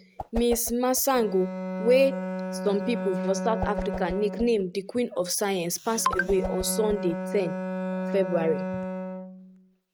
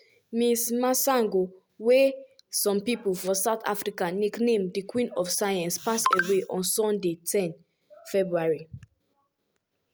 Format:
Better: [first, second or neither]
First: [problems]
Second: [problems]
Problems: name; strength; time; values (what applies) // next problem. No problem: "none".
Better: second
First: noise reduction (neural mask model RNNoise)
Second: none